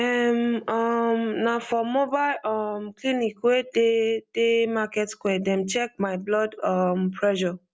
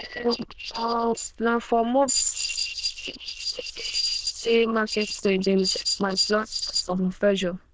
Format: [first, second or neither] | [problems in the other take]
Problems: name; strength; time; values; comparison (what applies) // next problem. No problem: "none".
first | noise reduction (neural diffusion model UNIVERSE++)